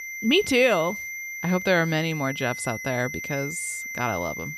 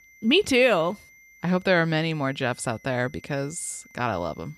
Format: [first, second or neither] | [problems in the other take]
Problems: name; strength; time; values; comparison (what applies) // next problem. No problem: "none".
second | high-pitched whine; loud; throughout; 2 kHz, 7 dB below the speech; faint in the second